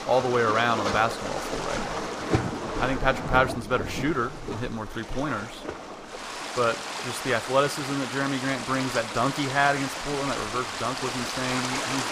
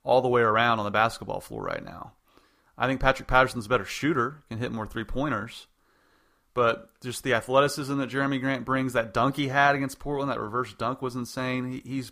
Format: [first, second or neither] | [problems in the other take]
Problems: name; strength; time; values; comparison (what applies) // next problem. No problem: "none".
second | rain or running water; loud; throughout; 4 dB below the speech